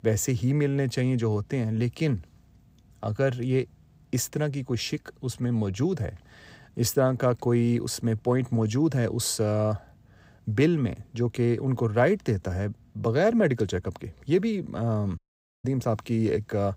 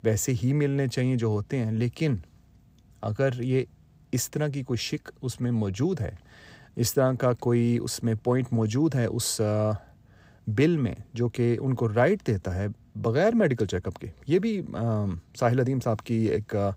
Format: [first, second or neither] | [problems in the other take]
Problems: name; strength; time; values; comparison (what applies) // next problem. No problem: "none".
second | audio cutting out; at 15 s